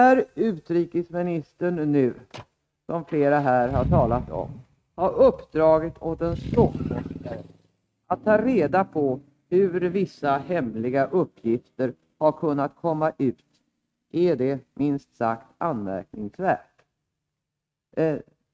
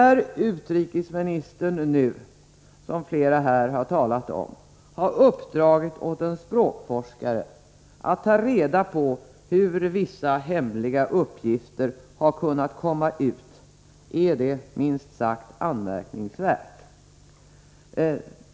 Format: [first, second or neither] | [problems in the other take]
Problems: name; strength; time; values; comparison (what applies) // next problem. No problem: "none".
second | noise reduction (neural mask model RNNoise)